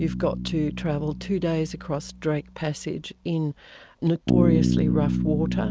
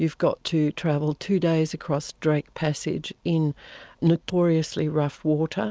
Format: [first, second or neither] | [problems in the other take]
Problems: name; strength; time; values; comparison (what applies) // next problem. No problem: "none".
second | background sound (Bass guitar); as loud as the speech